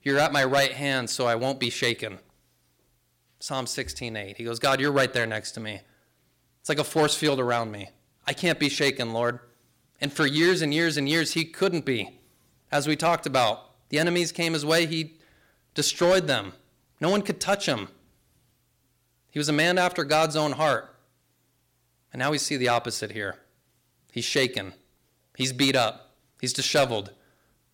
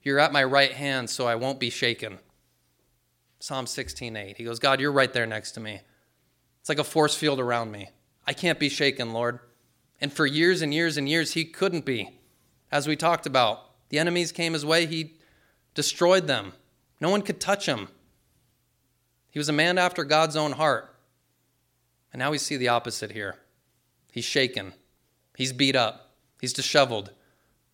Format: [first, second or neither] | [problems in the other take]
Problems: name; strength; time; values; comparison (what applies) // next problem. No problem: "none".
second | distortion; slight; 2% of the sound clipped